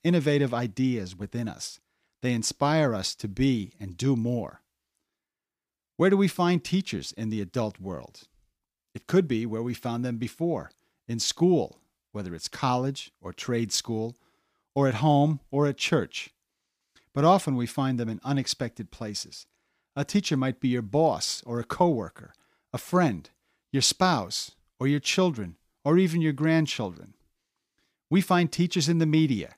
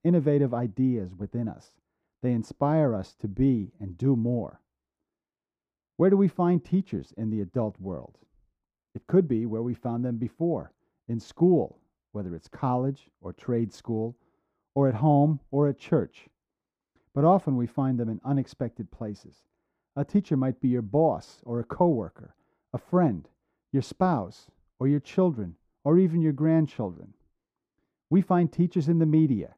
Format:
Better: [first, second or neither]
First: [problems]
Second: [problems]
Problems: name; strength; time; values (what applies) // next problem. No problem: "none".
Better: first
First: none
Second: muffled; very; fading above 1.5 kHz